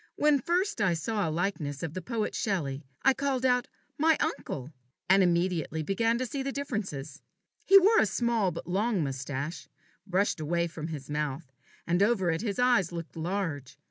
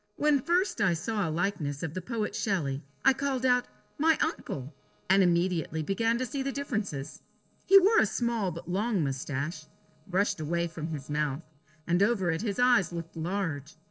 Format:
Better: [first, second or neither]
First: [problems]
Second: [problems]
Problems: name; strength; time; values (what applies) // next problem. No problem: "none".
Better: first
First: none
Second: noise reduction (neural separator model SepFormer DNS4)